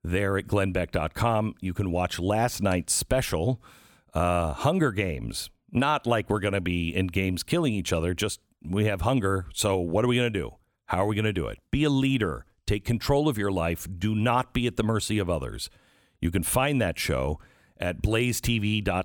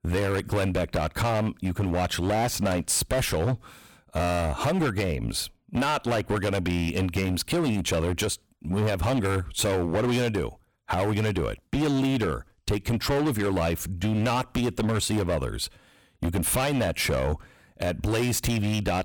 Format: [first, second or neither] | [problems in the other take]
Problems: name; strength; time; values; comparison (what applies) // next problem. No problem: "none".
first | distortion; heavy; 19% of the sound clipped